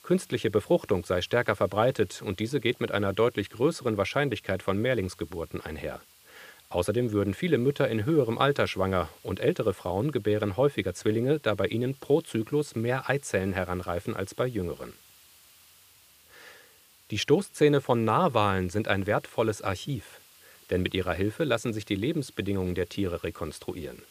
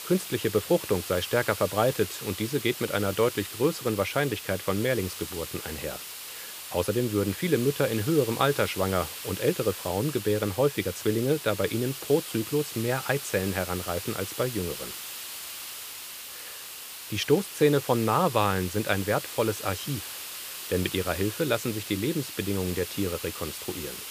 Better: first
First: hiss; faint; throughout; 25 dB below the speech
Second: hiss; loud; throughout; 8 dB below the speech

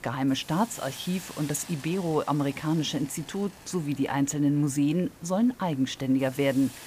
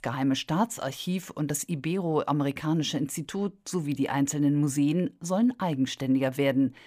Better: second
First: hiss; noticeable; throughout; 20 dB below the speech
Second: none

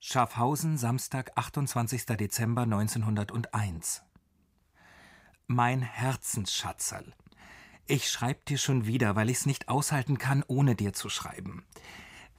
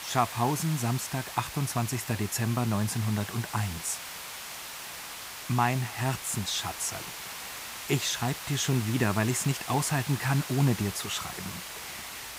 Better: first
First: none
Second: hiss; loud; throughout; 8 dB below the speech

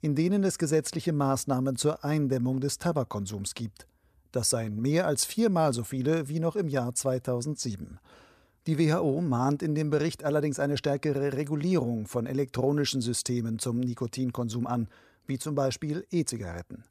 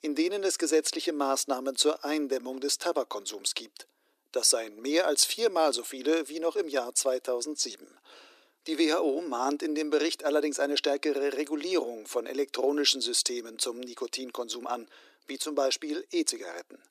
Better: first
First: none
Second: thin; somewhat; fading below 300 Hz

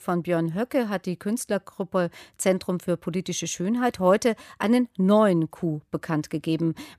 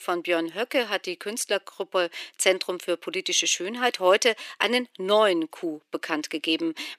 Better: first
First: none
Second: thin; somewhat; fading below 350 Hz

